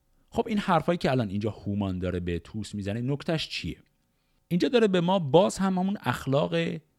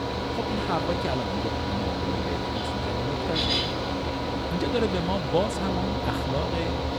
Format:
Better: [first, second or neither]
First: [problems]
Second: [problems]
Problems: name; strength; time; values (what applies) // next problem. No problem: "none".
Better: first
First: none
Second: machinery noise; very loud; throughout; 3 dB above the speech